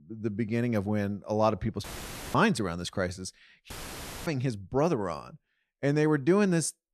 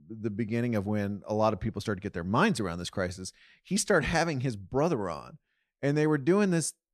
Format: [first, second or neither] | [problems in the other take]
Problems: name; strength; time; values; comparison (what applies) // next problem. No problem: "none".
second | audio cutting out; filled with static; at 2 s and at 3.5 s for 0.5 s